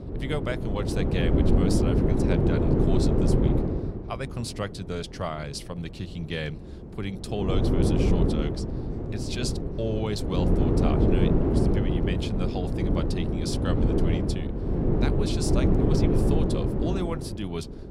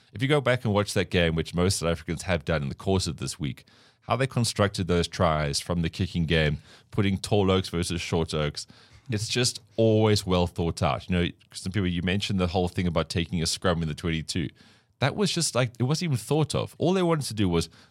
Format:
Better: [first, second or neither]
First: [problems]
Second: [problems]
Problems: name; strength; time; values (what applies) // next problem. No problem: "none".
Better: second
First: wind noise on the microphone; heavy; 4 dB above the speech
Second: none